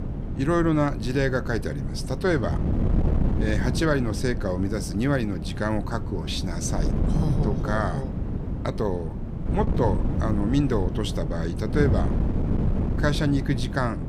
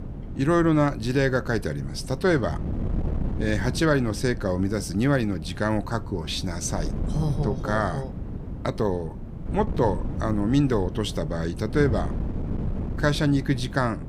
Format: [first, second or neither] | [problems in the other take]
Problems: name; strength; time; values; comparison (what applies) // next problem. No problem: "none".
second | wind noise on the microphone; heavy; 8 dB below the speech; occasional gusts in the second